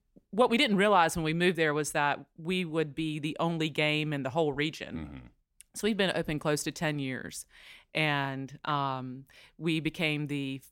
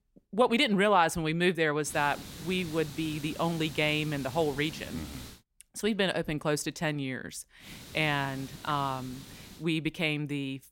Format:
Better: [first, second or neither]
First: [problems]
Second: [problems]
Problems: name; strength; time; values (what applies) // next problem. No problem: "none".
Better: first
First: none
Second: hiss; noticeable; from 2 to 5.5 s and from 7.5 to 9.5 s; 15 dB below the speech